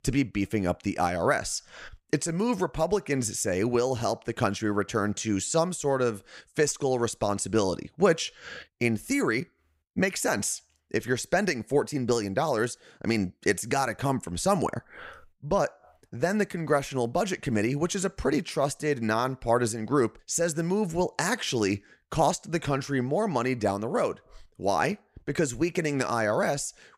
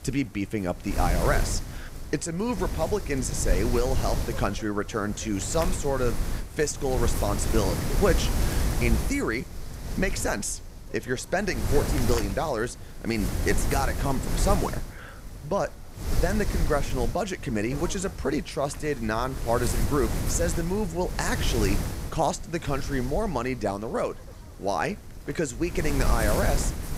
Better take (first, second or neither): first